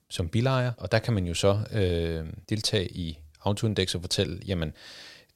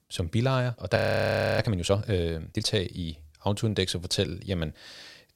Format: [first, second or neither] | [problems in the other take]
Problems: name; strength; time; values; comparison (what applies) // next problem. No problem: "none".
first | audio freezing; at 1 s for 0.5 s